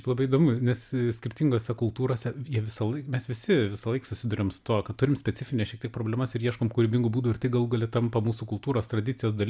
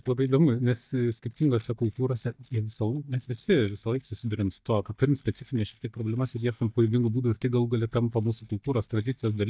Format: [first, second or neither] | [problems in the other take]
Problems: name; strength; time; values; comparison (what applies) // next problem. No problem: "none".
first | noise reduction (neural mask model DeepFilterNet 3)